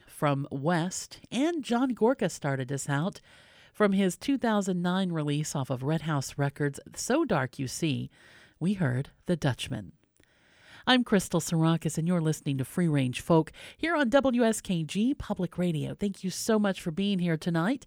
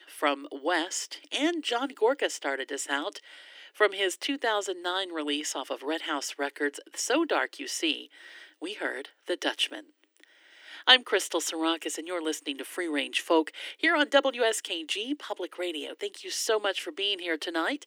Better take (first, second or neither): first